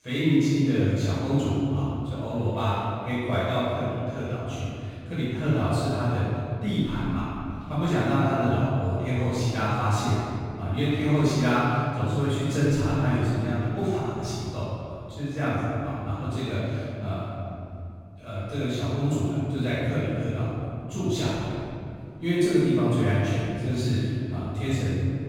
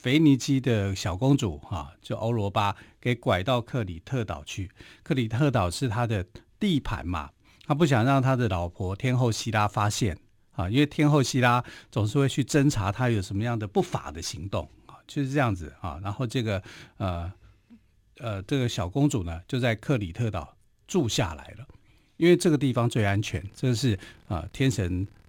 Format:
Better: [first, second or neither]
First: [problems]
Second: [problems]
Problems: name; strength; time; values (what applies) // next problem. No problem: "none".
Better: second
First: off-mic speech; far // room echo; strong; dies away in 2.3 s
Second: none